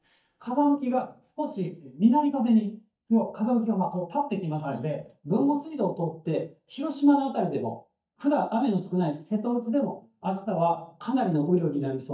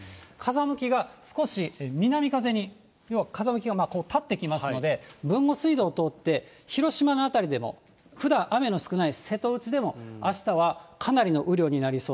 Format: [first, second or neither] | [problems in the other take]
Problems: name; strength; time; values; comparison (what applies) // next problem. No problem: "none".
second | noise reduction (neural mask model DeepFilterNet 3)